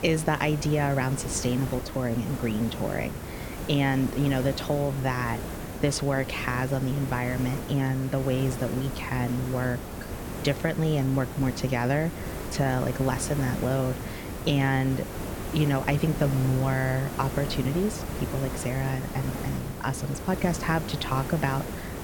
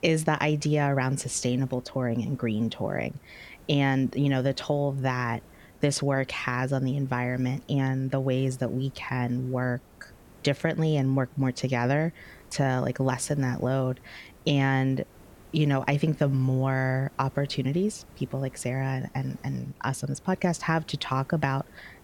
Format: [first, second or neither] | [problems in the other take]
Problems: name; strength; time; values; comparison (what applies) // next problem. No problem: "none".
second | hiss; loud; throughout; 8 dB below the speech; faint in the second